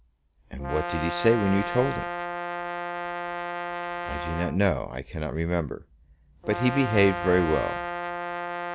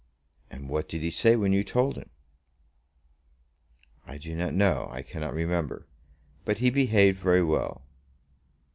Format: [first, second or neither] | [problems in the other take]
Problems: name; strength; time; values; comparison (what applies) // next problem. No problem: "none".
second | background sound (Brass instrument); 5 dB below the speech